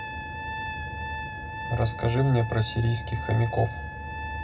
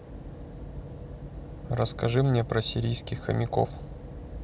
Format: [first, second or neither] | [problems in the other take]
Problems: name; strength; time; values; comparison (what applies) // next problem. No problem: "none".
second | background sound (Trumpet); 9 dB below the speech // room echo; dies away in 0.4 s